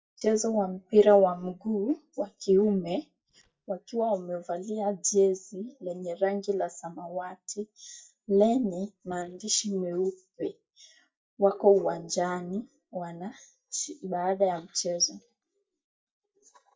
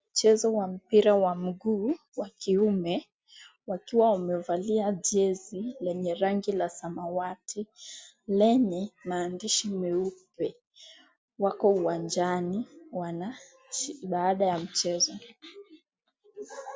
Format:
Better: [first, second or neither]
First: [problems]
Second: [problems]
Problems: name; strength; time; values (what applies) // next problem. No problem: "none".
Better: second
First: noise reduction (neural mask model DeepFilterNet 3)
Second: none